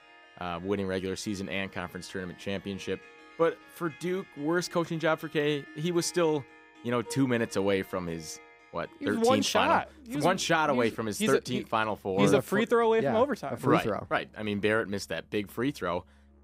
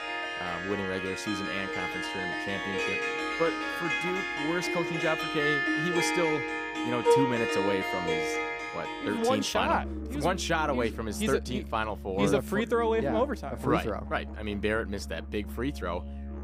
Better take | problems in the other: first | background music; loud; throughout; 1 dB below the speech; faint in the first

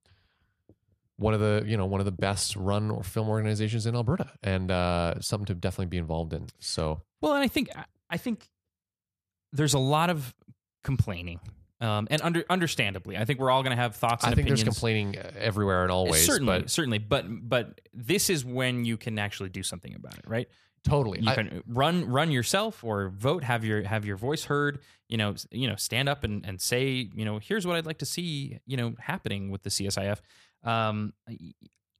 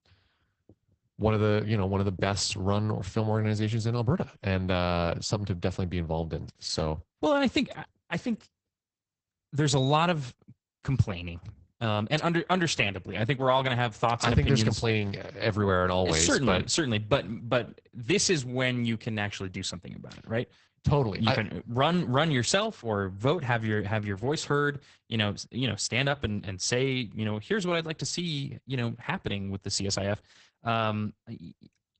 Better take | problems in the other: first | garbled, watery; badly; nothing above 8 kHz

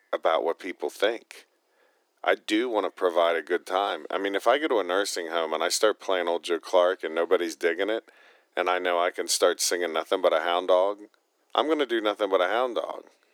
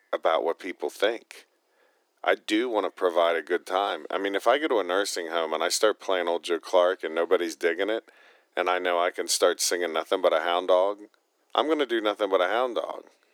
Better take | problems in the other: neither | thin; very; fading below 300 Hz; the same in both

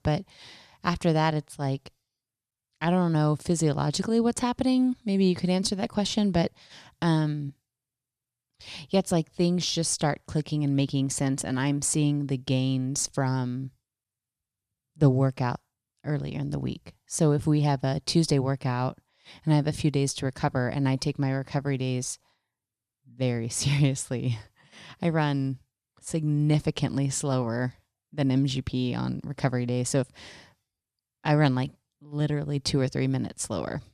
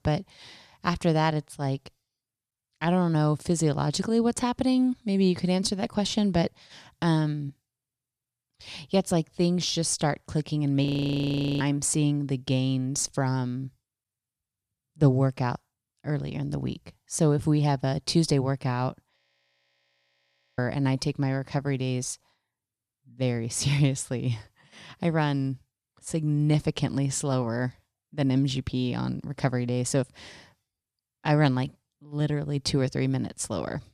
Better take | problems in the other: first | audio freezing; at 11 s for 1 s and at 19 s for 1.5 s

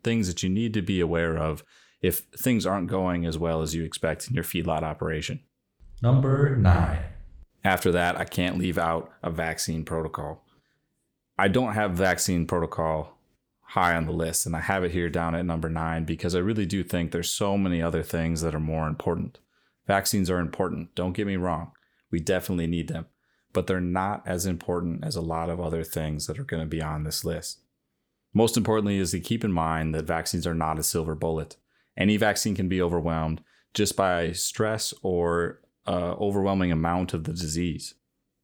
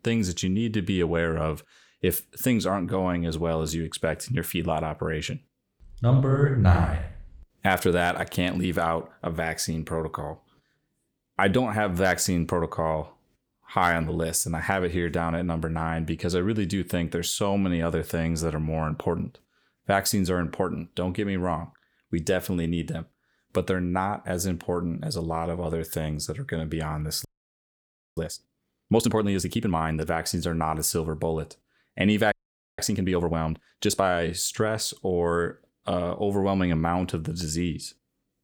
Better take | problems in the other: first | audio freezing; at 27 s for 1 s and at 32 s

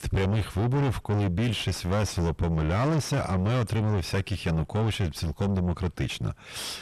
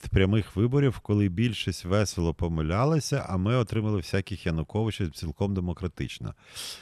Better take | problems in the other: second | distortion; heavy; 6 dB below the speech

